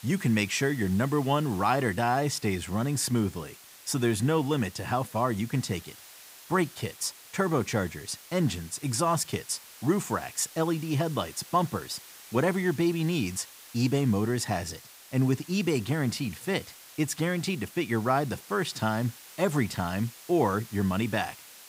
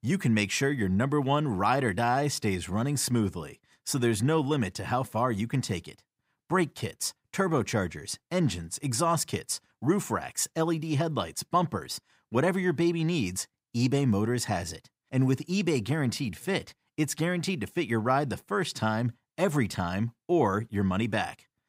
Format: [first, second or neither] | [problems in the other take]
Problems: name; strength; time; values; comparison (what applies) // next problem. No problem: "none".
second | hiss; noticeable; throughout; 20 dB below the speech